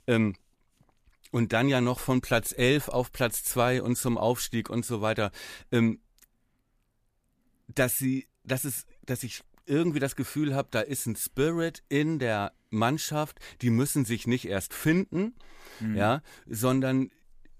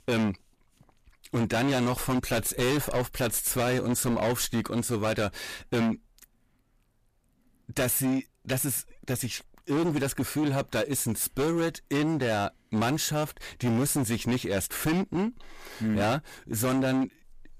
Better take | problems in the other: first | distortion; heavy; 17% of the sound clipped

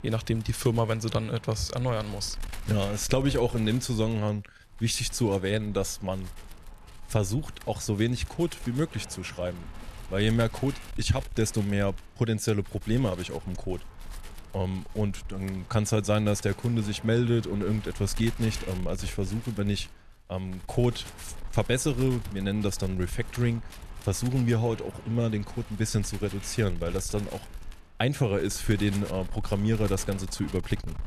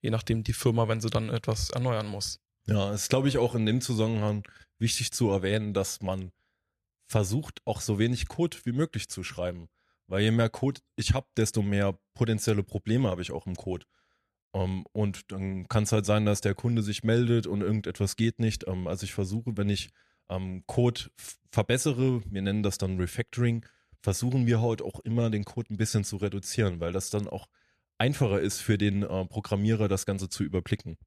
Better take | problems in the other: second | wind noise on the microphone; occasional gusts; 15 dB below the speech

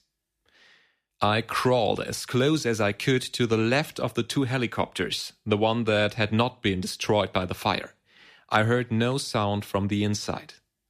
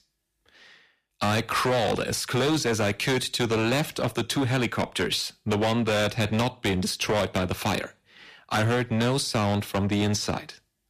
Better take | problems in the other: first | distortion; heavy; 16% of the sound clipped

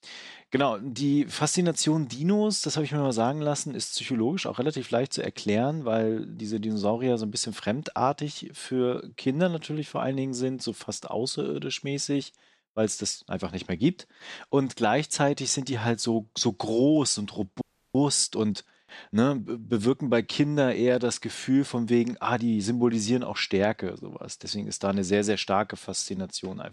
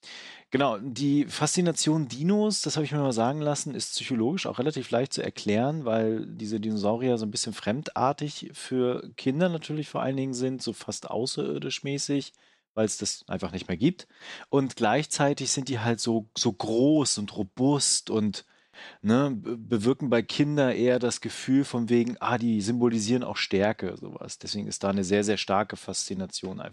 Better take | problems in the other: second | audio freezing; at 18 s

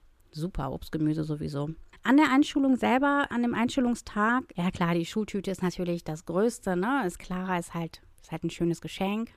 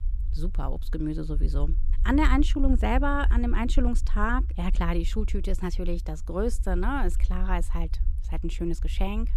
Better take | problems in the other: first | low rumble; faint; throughout; 20 dB below the speech

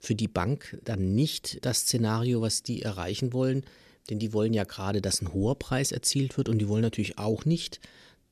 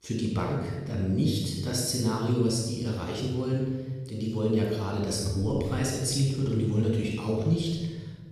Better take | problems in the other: first | off-mic speech; far // room echo; noticeable; dies away in 1.3 s

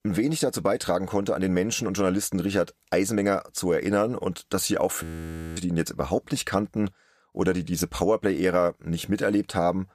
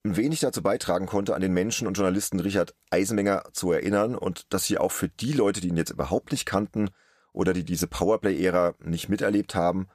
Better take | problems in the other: second | audio freezing; at 5 s for 0.5 s

